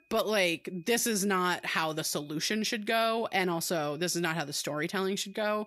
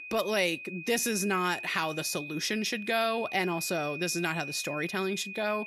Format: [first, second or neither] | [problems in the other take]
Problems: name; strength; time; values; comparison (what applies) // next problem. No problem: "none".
first | high-pitched whine; loud; throughout; 2.5 kHz, 9 dB below the speech; faint in the first